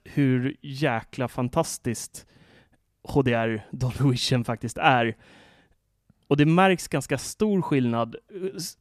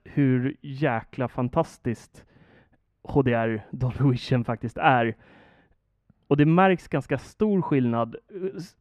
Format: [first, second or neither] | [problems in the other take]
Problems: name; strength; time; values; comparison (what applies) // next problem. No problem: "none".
first | muffled; slightly; fading above 4 kHz